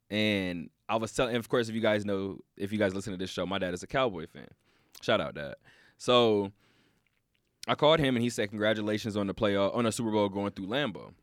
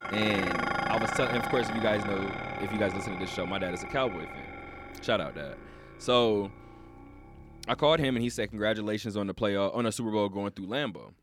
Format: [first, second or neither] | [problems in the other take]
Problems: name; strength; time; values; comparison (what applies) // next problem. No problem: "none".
first | clattering dishes; loud; until 7.5 s; peak 1 dB above the speech